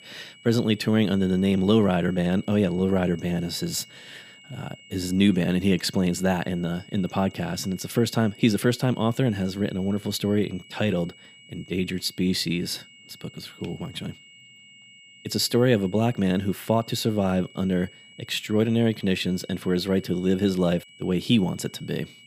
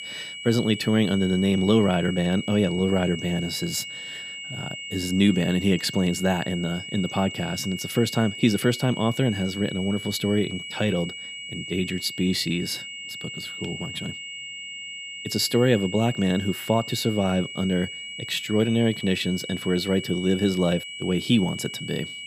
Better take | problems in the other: first | high-pitched whine; loud; throughout; 3 kHz, 9 dB below the speech; faint in the first

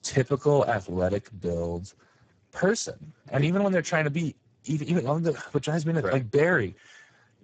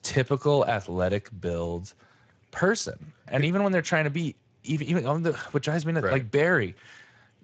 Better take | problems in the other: second | garbled, watery; badly; nothing above 8 kHz; slightly in the second

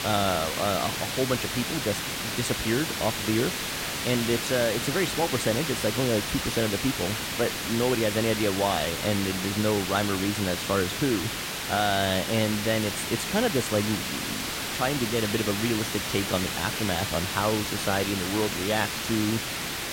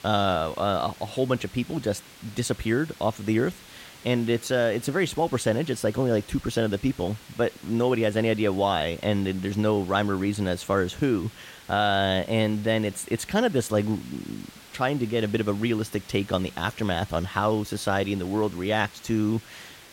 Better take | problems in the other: second | hiss; loud; throughout; 1 dB below the speech; faint in the second

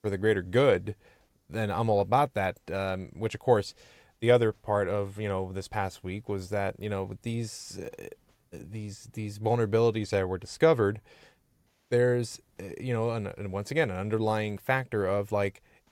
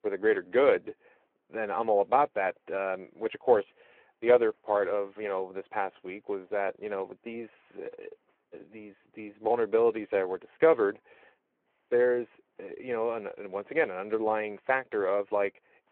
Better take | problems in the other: first | phone-call audio

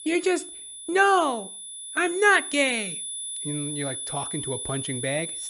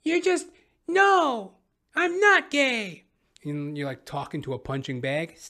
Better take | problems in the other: second | high-pitched whine; loud; throughout; 10 kHz, 7 dB below the speech

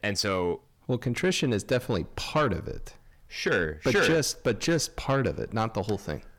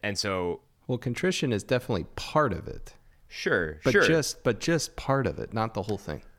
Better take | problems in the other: second | distortion; slight; 10 dB below the speech

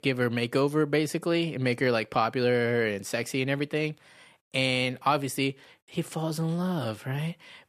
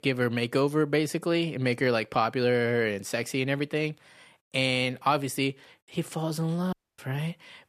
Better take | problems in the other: first | audio cutting out; at 6.5 s

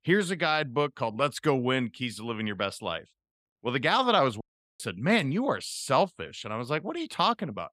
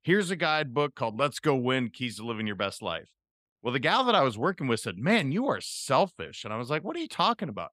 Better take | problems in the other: second | audio cutting out; at 4.5 s

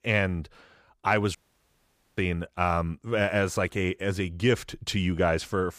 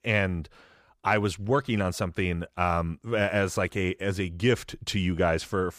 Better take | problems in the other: second | audio cutting out; at 1.5 s for 1 s

